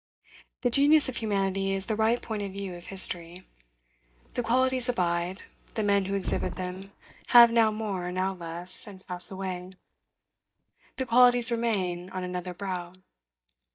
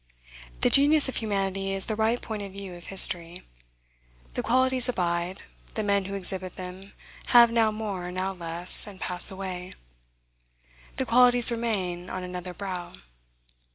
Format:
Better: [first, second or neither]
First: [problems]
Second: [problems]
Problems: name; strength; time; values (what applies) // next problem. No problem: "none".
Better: second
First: noise reduction (neural mask model DeepFilterNet 3)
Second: none